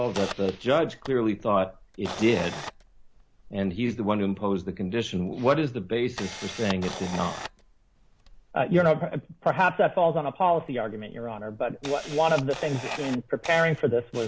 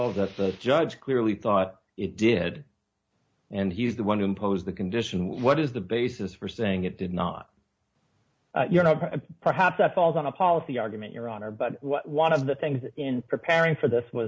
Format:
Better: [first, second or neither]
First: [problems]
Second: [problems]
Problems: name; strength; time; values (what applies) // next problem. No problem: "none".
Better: second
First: background sound (Camera); 15 dB below the speech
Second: none